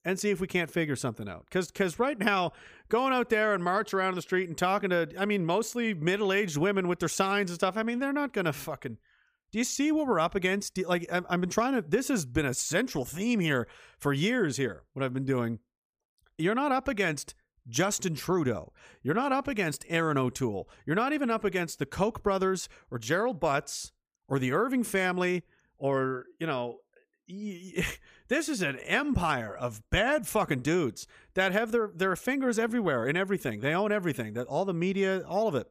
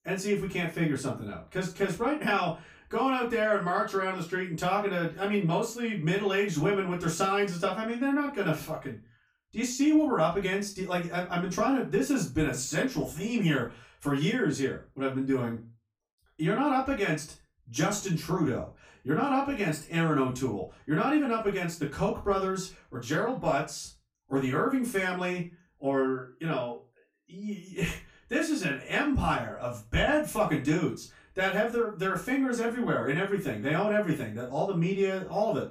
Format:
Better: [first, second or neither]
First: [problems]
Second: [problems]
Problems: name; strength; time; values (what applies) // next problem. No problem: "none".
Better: first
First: none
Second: off-mic speech; far // room echo; very slight; dies away in 0.2 s